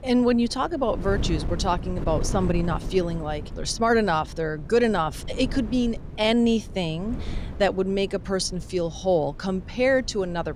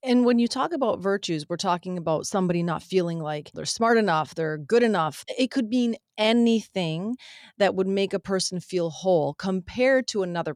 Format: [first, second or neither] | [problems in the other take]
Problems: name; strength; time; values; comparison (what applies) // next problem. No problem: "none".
second | wind noise on the microphone; occasional gusts; 20 dB below the speech